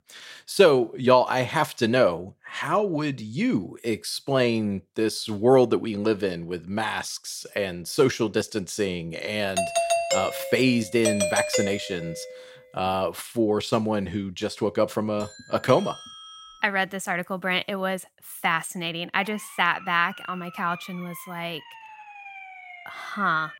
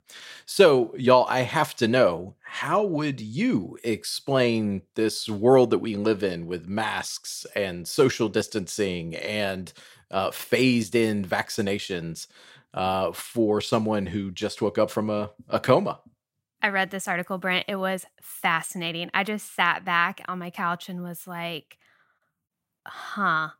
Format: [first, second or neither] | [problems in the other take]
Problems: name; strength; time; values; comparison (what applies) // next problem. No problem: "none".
second | doorbell; loud; from 9.5 to 12 s; peak 1 dB above the speech // doorbell; faint; from 15 to 17 s; peak 15 dB below the speech // siren; faint; from 19 s on; peak 15 dB below the speech